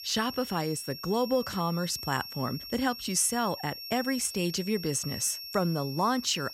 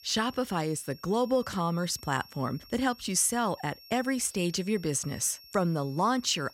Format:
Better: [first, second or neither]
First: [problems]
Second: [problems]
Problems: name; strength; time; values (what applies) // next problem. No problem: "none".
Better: second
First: high-pitched whine; loud; throughout; 5.5 kHz, 9 dB below the speech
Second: high-pitched whine; faint; throughout; 5.5 kHz, 20 dB below the speech